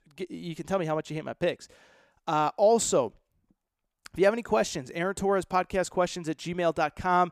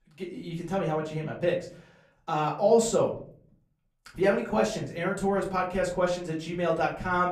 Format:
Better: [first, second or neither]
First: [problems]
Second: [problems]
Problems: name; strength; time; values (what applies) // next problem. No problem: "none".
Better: first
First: none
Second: off-mic speech; far // room echo; slight; dies away in 0.5 s